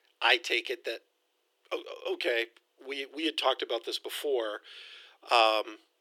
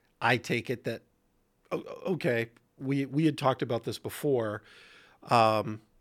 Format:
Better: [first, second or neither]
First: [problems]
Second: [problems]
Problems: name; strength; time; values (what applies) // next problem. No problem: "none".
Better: second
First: thin; very; fading below 350 Hz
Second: none